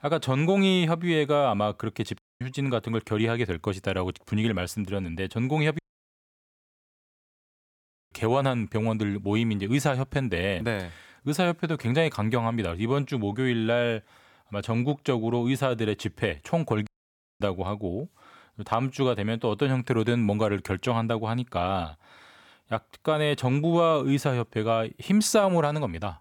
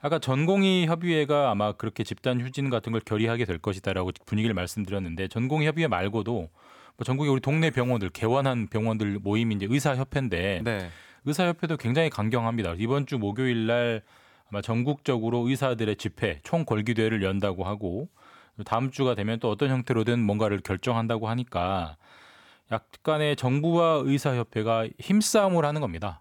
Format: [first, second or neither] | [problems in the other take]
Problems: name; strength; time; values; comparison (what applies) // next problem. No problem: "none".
second | audio cutting out; at 2 s, at 6 s for 2.5 s and at 17 s for 0.5 s